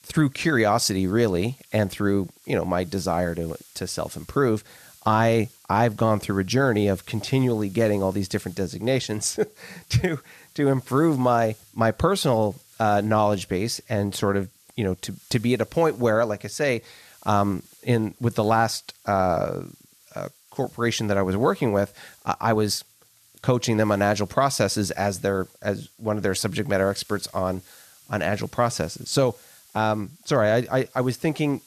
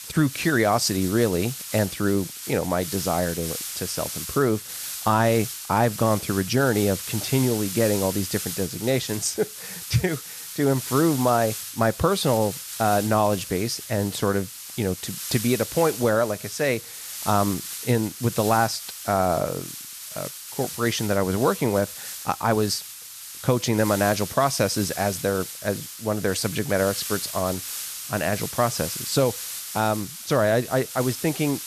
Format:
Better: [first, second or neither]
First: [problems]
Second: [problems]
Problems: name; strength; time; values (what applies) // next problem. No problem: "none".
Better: first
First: hiss; faint; throughout; 25 dB below the speech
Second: hiss; loud; throughout; 8 dB below the speech